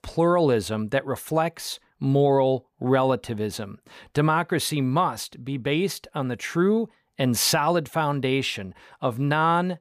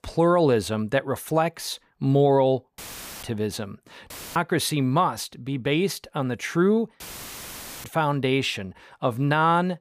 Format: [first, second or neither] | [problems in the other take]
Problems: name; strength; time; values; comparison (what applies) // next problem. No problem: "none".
first | audio cutting out; filled with static; at 3 s, at 4 s and at 7 s for 1 s